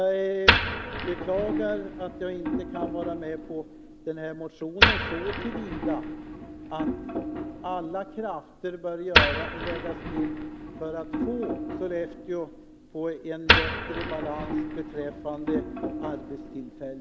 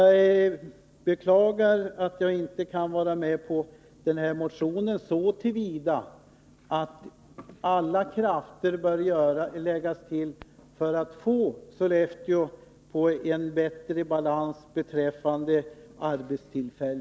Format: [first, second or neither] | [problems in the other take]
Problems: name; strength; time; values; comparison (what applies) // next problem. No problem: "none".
second | background sound (Wood); 4 dB above the speech